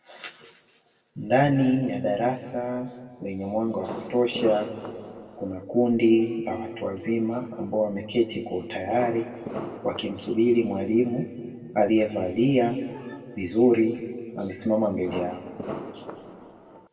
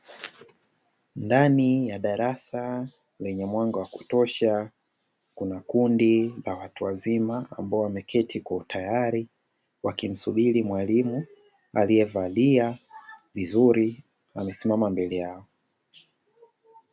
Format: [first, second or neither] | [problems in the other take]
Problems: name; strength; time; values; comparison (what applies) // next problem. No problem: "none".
second | background sound (Fireworks); 12 dB below the speech // room echo; dies away in 1.8 s